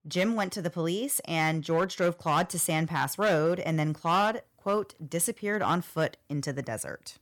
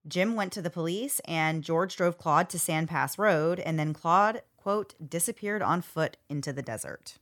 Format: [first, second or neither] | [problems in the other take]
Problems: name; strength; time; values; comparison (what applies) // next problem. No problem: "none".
second | distortion; slight; 4% of the sound clipped